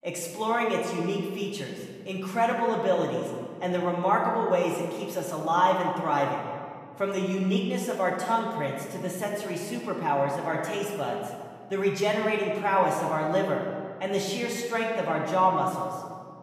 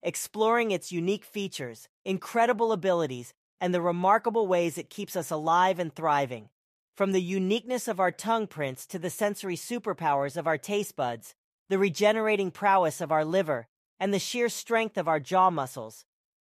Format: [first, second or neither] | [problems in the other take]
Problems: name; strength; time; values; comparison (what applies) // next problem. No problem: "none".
second | room echo; noticeable; dies away in 1.7 s // off-mic speech; far